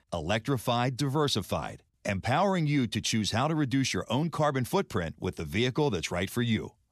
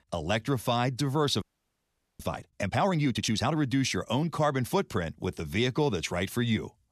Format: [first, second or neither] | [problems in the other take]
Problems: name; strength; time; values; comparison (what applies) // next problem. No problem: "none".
first | audio freezing; at 1.5 s for 1 s